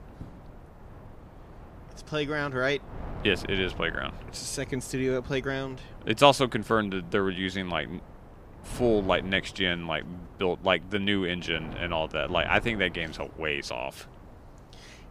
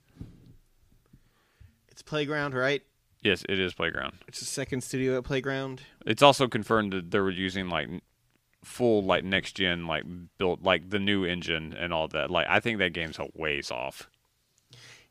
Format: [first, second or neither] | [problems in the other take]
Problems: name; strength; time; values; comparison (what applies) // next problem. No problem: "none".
second | wind noise on the microphone; occasional gusts; 20 dB below the speech